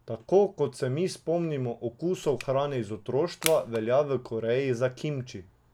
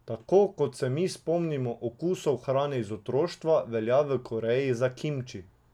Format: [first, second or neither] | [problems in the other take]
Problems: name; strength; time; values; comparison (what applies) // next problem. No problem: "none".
second | background sound (Crushing); 11 dB below the speech